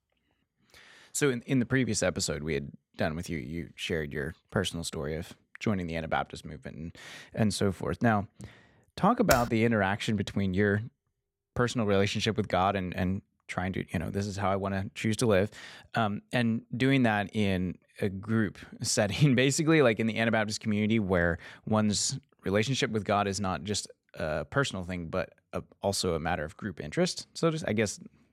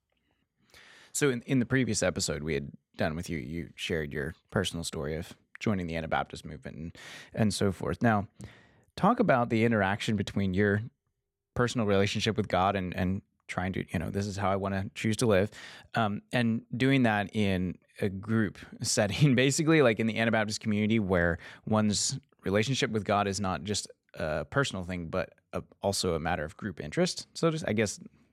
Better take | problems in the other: second | keyboard typing; noticeable; at 9.5 s; peak 3 dB below the speech

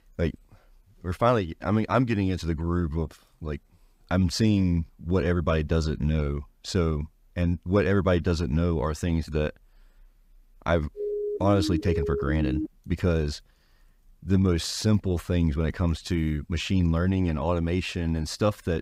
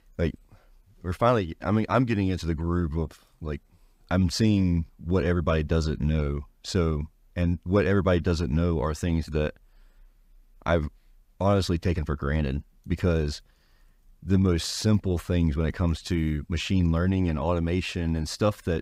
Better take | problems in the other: second | siren; noticeable; from 11 to 13 s; peak 4 dB below the speech

